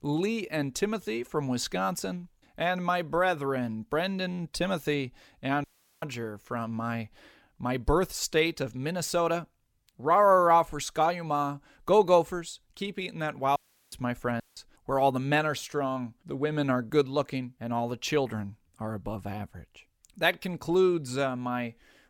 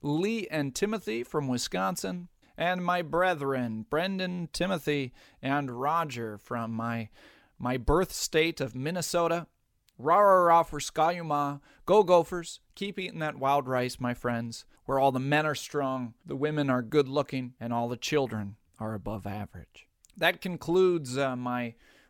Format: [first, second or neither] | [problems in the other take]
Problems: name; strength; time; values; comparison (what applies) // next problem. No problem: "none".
second | audio cutting out; at 5.5 s and at 14 s